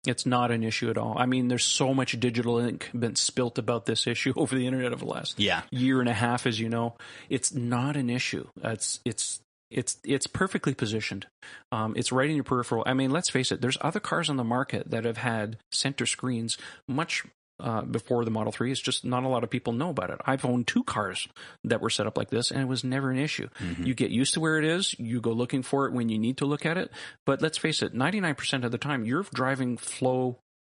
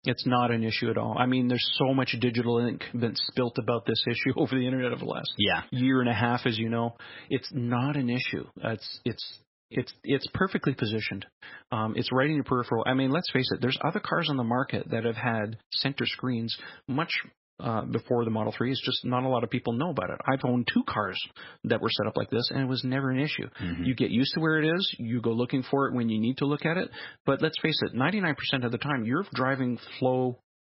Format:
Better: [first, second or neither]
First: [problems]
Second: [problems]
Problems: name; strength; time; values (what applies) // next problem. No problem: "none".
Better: first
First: garbled, watery; slightly; nothing above 10.5 kHz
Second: garbled, watery; badly; nothing above 5.5 kHz